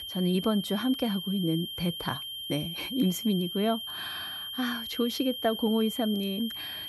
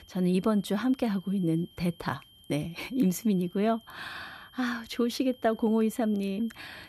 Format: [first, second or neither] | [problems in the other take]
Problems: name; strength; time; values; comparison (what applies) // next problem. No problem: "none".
second | high-pitched whine; loud; throughout; 3 kHz, 5 dB below the speech; faint in the second